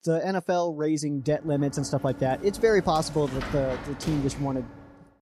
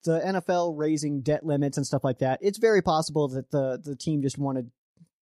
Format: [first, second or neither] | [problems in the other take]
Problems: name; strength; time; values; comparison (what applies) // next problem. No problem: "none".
second | door banging; noticeable; from 1.5 s on; peak 8 dB below the speech